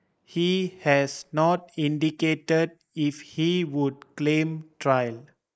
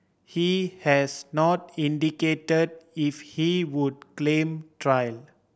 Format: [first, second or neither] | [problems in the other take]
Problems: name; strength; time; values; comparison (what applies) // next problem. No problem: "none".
second | noise reduction (neural mask model Resemble Enhance denoiser)